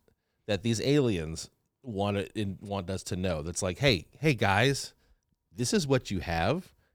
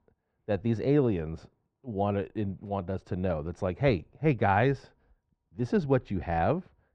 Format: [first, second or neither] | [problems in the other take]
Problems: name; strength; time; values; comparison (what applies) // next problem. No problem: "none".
first | muffled; very; fading above 1.5 kHz